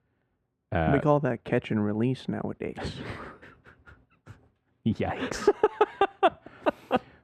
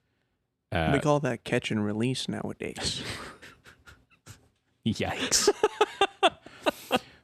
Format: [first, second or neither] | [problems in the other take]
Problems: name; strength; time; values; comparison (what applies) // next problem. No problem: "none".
second | muffled; very; fading above 3 kHz